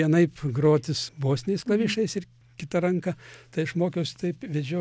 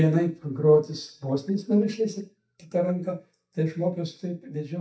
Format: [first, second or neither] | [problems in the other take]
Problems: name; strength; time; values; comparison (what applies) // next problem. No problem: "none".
first | noise reduction (neural mask model DeepFilterNet 3)